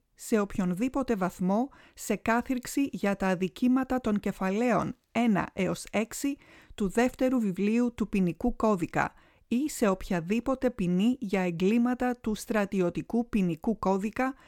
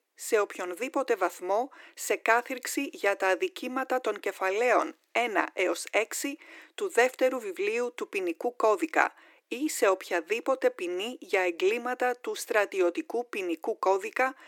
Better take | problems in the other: first | thin; very; fading below 300 Hz

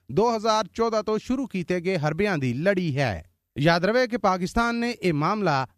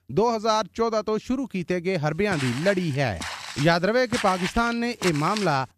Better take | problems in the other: first | footsteps; noticeable; from 2.5 s on; peak 5 dB below the speech

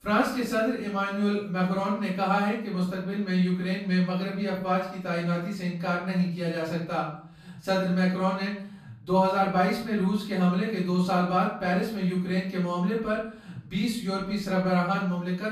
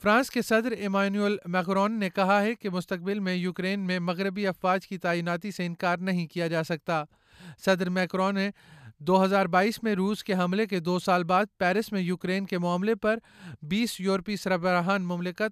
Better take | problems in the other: second | off-mic speech; far // room echo; noticeable; dies away in 0.5 s

